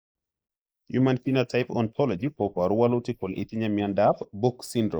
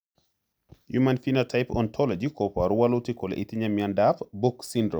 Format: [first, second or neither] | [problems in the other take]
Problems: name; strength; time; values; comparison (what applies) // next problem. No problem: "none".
second | noise reduction (neural mask model Resemble Enhance denoiser)